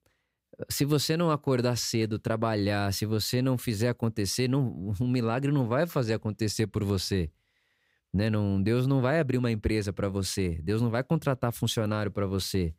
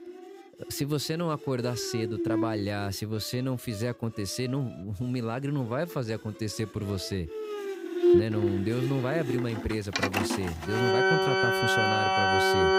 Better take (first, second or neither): first